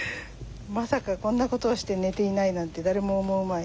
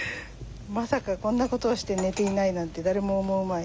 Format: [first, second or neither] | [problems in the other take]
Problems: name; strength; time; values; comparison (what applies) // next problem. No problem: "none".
first | background sound (Cutlery, silverware); 15 dB below the speech